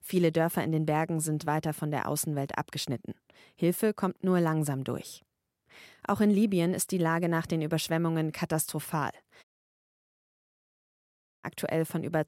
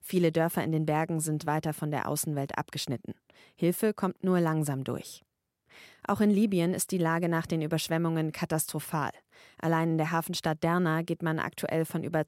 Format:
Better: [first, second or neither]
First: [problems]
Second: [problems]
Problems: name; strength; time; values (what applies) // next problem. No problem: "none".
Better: second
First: audio cutting out; at 9.5 s for 2 s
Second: none